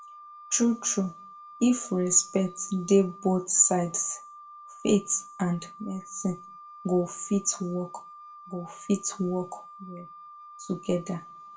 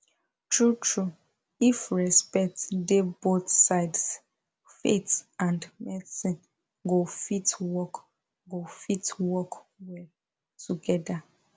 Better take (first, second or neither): second